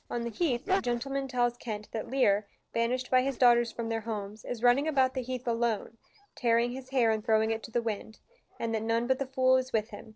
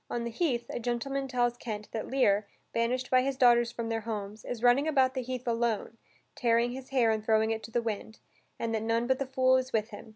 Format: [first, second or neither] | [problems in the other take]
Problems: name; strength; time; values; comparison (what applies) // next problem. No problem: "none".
second | noise reduction (neural separator model SepFormer DNS4)